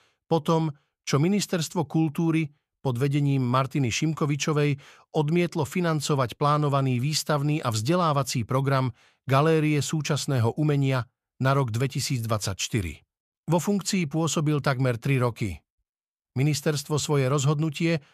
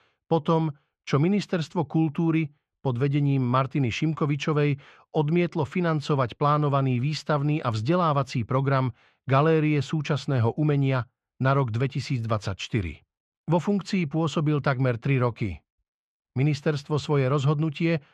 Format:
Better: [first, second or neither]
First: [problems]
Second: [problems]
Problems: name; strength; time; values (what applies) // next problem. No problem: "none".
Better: first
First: none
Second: muffled; slightly; fading above 3 kHz